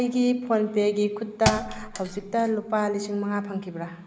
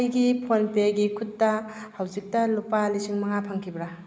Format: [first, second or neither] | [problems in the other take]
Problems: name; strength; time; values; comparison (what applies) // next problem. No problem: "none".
second | background sound (Thump, thud); 9 dB below the speech